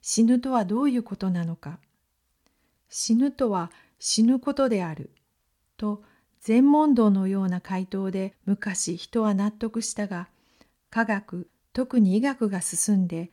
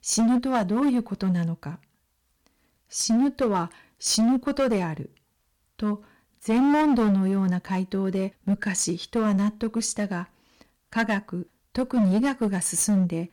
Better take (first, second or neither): first